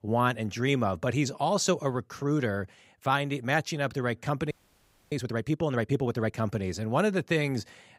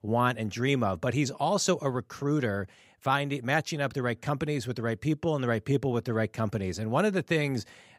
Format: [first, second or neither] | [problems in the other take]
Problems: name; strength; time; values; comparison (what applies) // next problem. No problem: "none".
second | audio freezing; at 4.5 s for 0.5 s